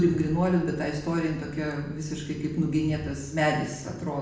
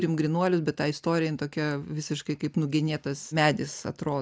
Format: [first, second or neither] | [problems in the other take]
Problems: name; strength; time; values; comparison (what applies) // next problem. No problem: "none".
second | background sound (Train); 16 dB below the speech // room echo; dies away in 0.8 s